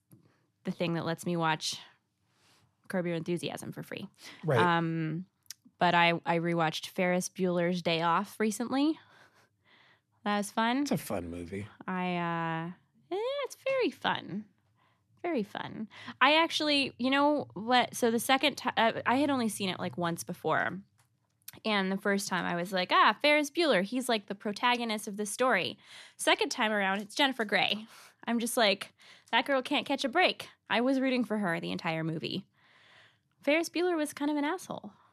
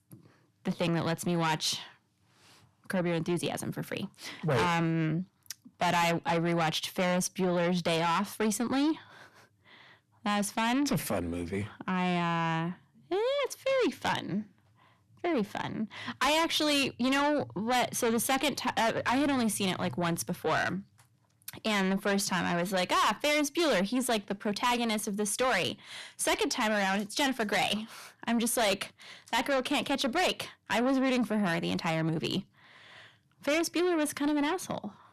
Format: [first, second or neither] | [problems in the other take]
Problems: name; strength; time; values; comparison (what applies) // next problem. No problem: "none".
first | distortion; heavy; 7 dB below the speech